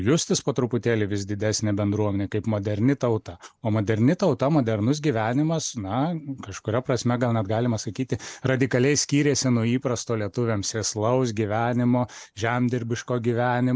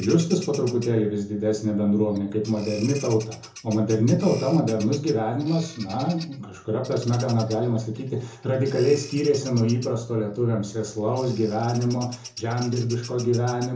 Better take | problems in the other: first | background sound (Bird vocalization, bird call, bird song); 19 dB below the speech // room echo; dies away in 0.6 s

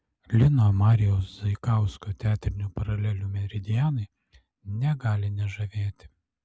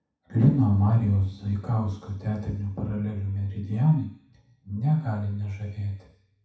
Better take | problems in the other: first | room echo; dies away in 0.7 s

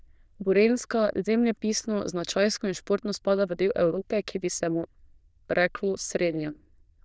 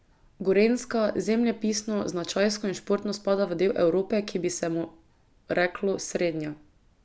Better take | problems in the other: second | noise reduction (neural diffusion model UNIVERSE++)

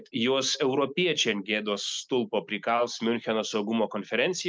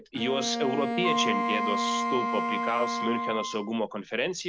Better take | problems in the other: first | background sound (Bowed string instrument + Wind instrument, woodwind instrument); as loud as the speech

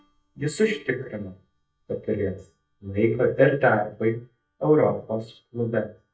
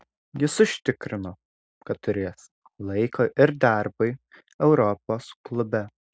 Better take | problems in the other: second | noise reduction (neural mask model DeepFilterNet 3)

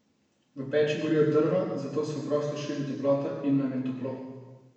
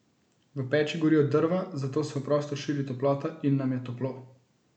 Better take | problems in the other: second | room echo; dies away in 1.3 s

